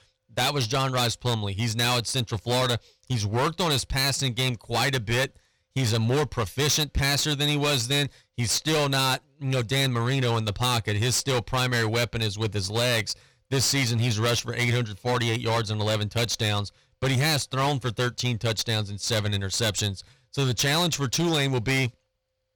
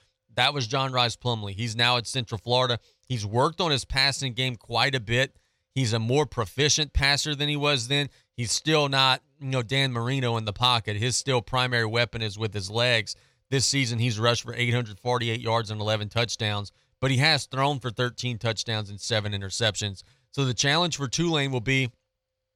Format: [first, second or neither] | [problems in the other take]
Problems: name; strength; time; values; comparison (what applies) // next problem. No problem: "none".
second | distortion; heavy; 19% of the sound clipped